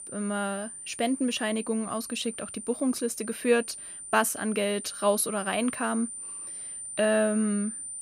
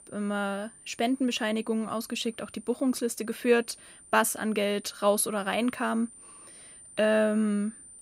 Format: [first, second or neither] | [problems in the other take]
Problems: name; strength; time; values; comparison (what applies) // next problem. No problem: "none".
second | high-pitched whine; loud; throughout; 9 kHz, 9 dB below the speech; faint in the second